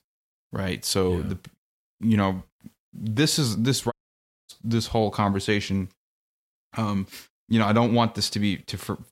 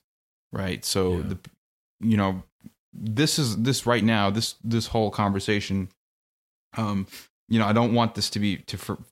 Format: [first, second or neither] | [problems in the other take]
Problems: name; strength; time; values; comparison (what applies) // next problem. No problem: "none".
second | audio cutting out; at 4 s for 0.5 s